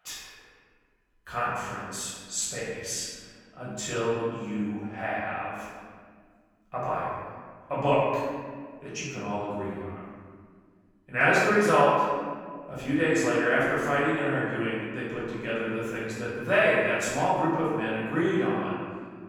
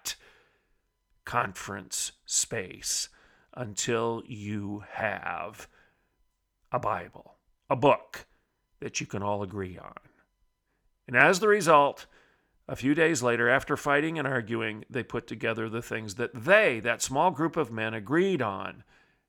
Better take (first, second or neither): second